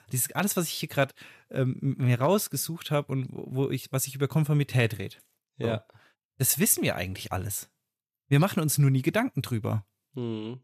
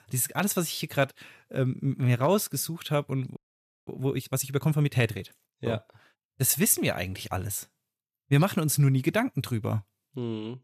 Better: first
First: none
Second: audio freezing; at 3.5 s for 0.5 s

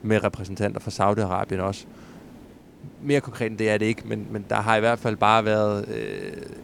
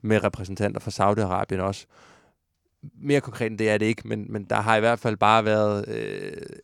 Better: second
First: hiss; faint; throughout; 20 dB below the speech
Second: none

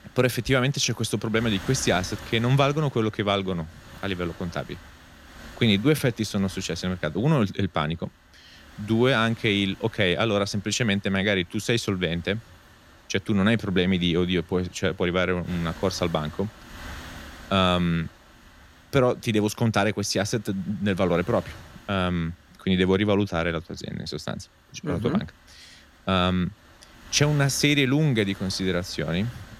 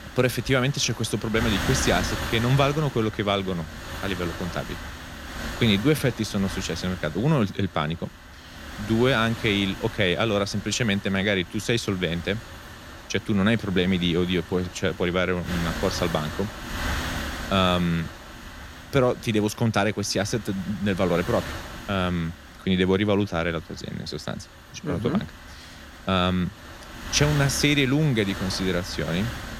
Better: first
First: wind noise on the microphone; occasional gusts; 20 dB below the speech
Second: wind noise on the microphone; heavy; 9 dB below the speech

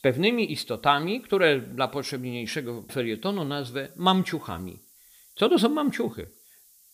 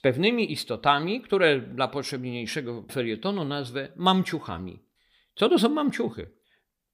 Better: second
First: hiss; faint; throughout; 25 dB below the speech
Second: none

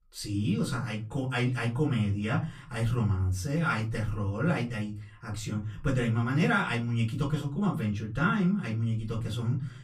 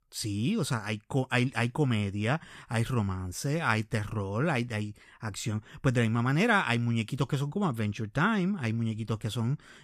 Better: second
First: off-mic speech; far // room echo; very slight; dies away in 0.4 s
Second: none

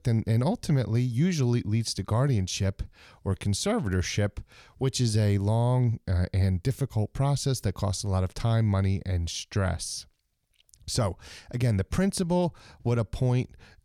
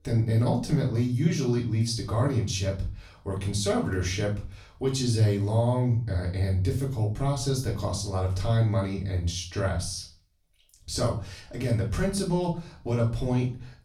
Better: first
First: none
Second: off-mic speech; far // room echo; slight; dies away in 0.3 s

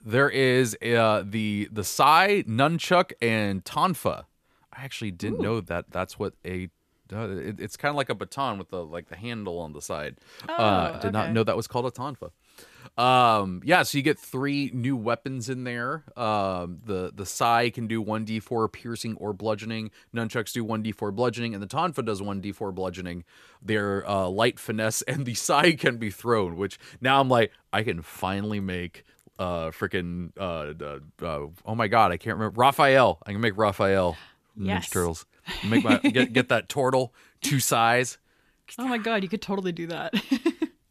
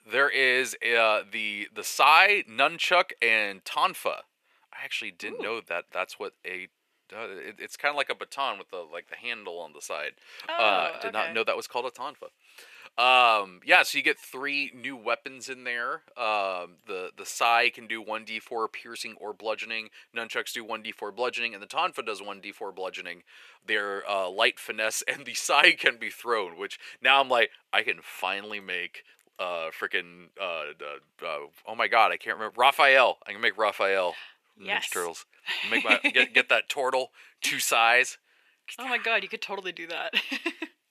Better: first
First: none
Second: thin; very; fading below 550 Hz

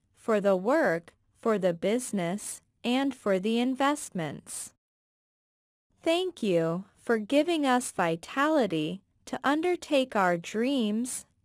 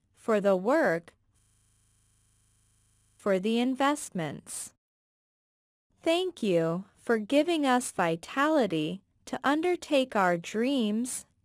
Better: first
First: none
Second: audio freezing; at 1.5 s for 2 s

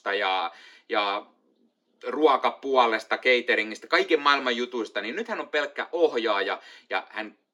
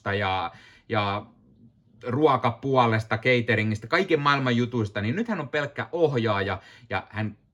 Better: second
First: thin; somewhat; fading below 300 Hz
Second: none

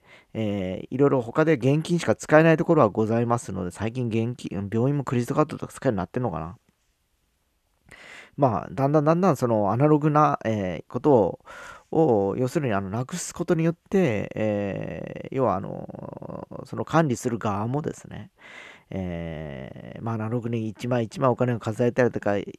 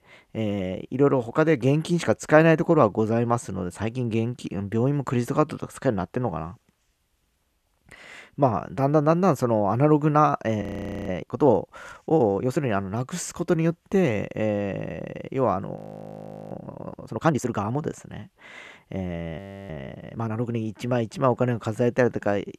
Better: first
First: none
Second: audio freezing; at 11 s, at 16 s for 1 s and at 19 s

